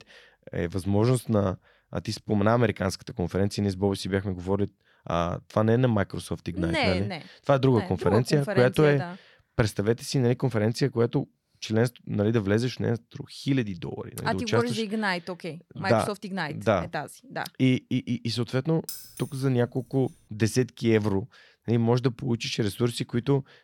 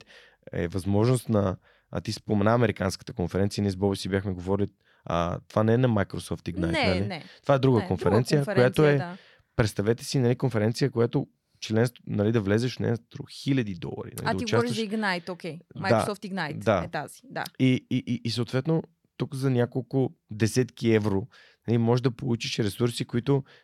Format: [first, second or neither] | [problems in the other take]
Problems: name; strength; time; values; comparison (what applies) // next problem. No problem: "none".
second | jangling keys; faint; at 19 s; peak 10 dB below the speech